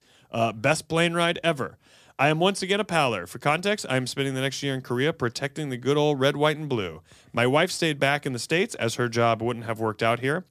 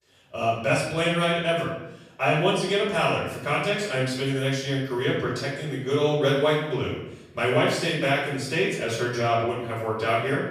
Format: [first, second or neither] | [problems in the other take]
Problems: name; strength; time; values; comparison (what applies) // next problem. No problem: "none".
first | off-mic speech; far // room echo; noticeable; dies away in 0.8 s